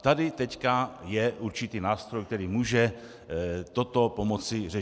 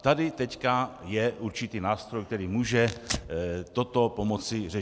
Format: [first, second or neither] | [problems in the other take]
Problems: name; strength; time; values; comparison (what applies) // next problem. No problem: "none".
first | background sound (Tearing); 16 dB below the speech